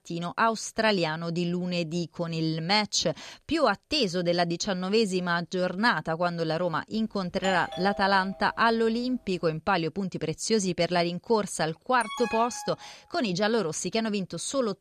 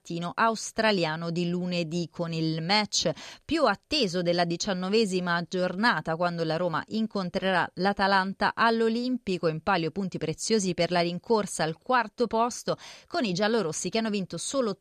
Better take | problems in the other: second | doorbell; noticeable; from 7.5 to 8.5 s; peak 8 dB below the speech // alarm; noticeable; at 12 s; peak 8 dB below the speech

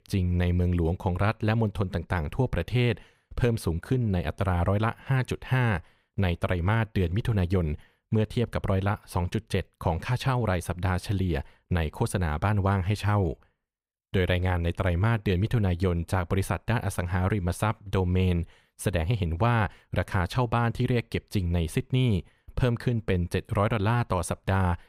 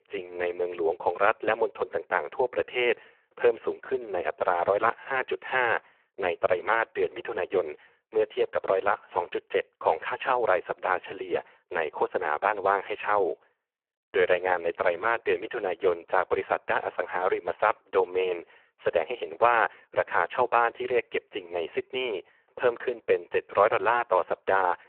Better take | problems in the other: first | phone-call audio; poor line

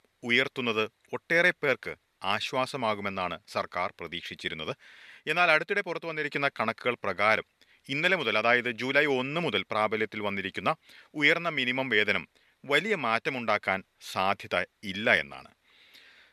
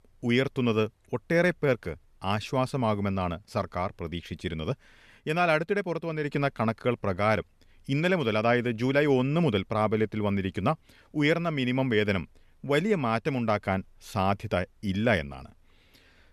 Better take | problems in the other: second | thin; somewhat; fading below 1 kHz

